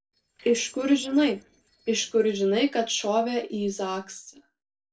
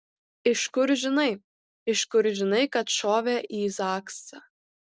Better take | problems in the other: second | noise reduction (neural separator model SepFormer DNS4)

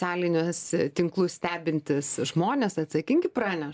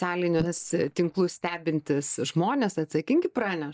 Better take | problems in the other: first | noise reduction (neural mask model DeepFilterNet 3)

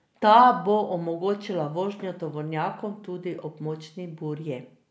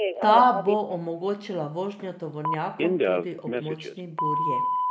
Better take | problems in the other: first | background sound (Telephone); 2 dB below the speech

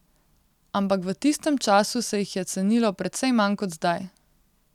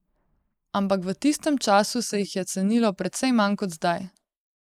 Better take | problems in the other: first | noise reduction (neural mask model Resemble Enhance denoiser)

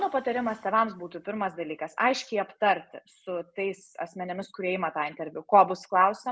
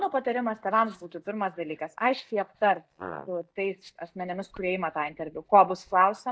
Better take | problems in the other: first | noise reduction (neural mask model DeepFilterNet 3)

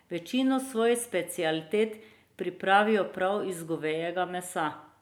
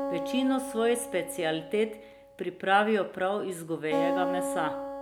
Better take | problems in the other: first | background sound (Acoustic guitar); 5 dB below the speech

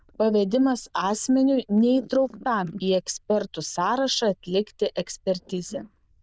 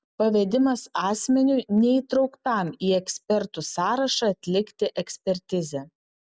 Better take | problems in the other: second | noise reduction (neural diffusion model UNIVERSE++)

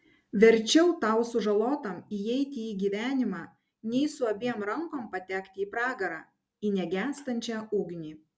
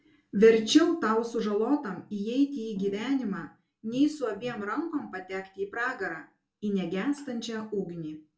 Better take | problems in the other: first | background sound (Piano); 17 dB below the speech // room echo; dies away in 0.2 s

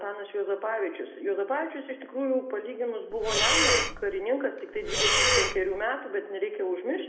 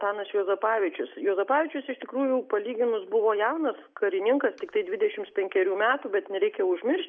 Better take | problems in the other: second | background sound (Breathing); 5 dB above the speech // room echo; dies away in 0.9 s

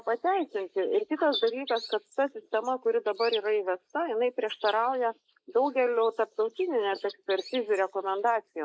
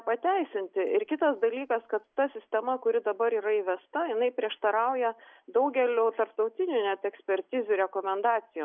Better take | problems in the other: second | noise reduction (neural mask model Resemble Enhance denoiser)

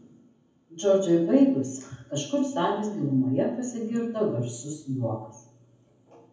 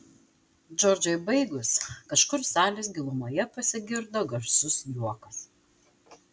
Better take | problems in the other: second | room echo; dies away in 0.7 s

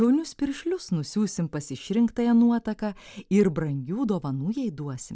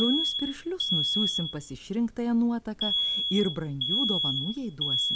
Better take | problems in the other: first | background sound (Alarm); as loud as the speech

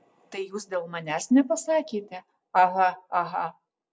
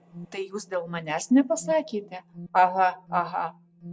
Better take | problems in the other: first | background sound (Alarm); 19 dB below the speech

